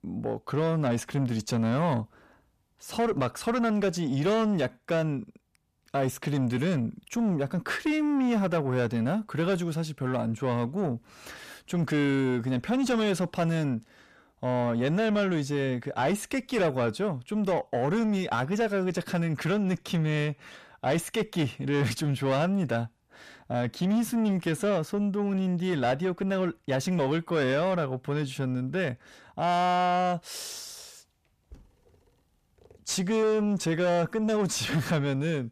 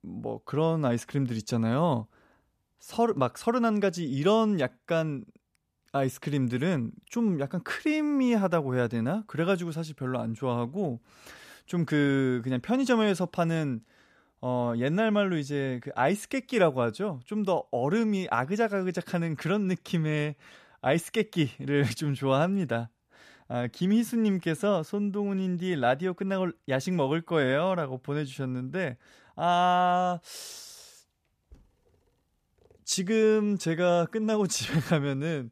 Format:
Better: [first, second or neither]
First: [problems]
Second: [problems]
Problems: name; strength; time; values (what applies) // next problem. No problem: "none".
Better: second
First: distortion; slight; 10 dB below the speech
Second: none